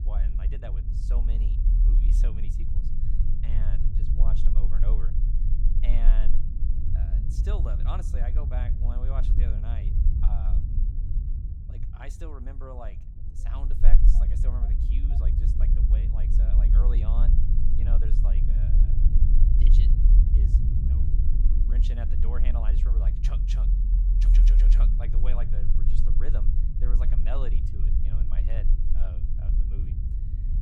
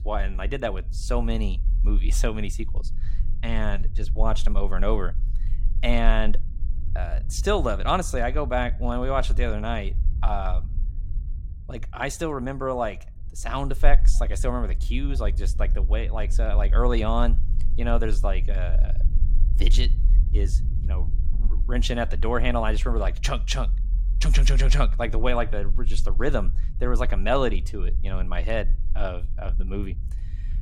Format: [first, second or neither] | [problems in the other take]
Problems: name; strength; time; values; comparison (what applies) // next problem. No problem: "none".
second | low rumble; loud; throughout; 1 dB below the speech; faint in the second